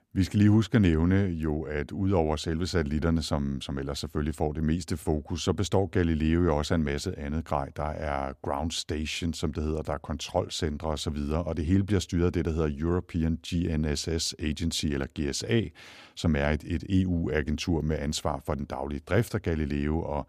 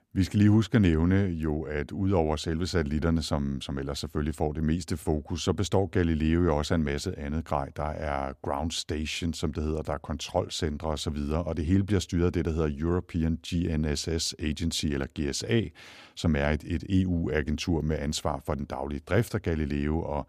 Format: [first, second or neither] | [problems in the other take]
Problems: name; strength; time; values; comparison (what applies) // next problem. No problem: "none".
neither | none